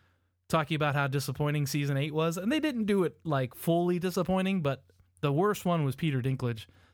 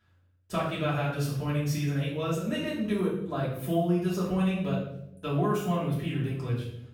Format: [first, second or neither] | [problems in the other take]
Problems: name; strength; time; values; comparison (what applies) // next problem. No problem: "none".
first | room echo; noticeable; dies away in 0.7 s // off-mic speech; far